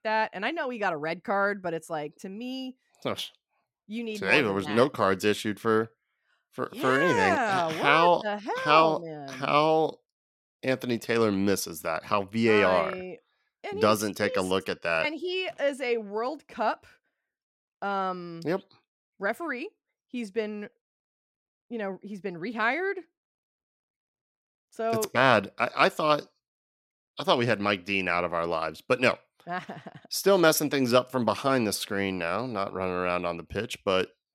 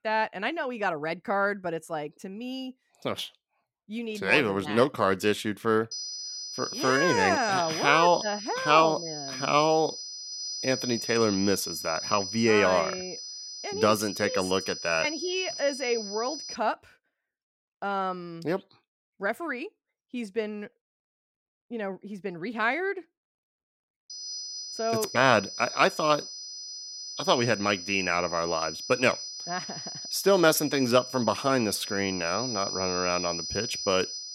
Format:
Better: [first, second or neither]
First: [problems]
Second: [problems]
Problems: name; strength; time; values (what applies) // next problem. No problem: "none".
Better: first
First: none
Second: high-pitched whine; loud; from 6 to 17 s and from 24 s on; 5 kHz, 8 dB below the speech